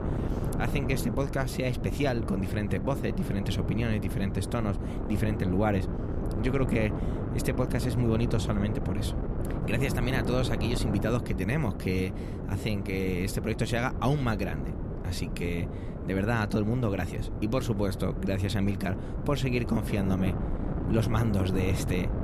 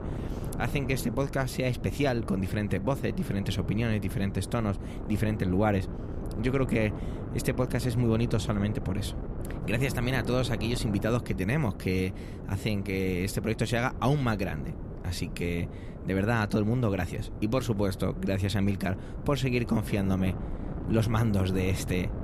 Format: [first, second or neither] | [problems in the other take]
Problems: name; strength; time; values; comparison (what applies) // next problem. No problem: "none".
second | wind noise on the microphone; heavy; 6 dB below the speech; occasional gusts in the second